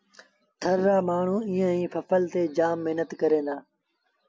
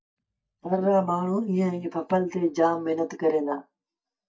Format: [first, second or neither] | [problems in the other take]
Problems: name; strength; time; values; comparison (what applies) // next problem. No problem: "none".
first | noise reduction (neural mask model DeepFilterNet 3)